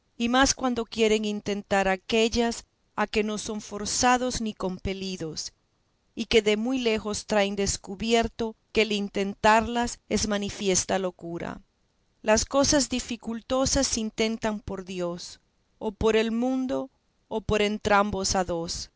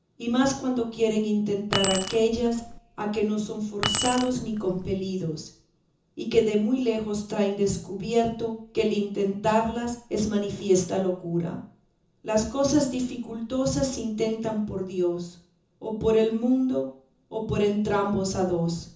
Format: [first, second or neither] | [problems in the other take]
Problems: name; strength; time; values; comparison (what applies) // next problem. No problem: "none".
first | background sound (Keys jangling); 4 dB below the speech // room echo; dies away in 0.6 s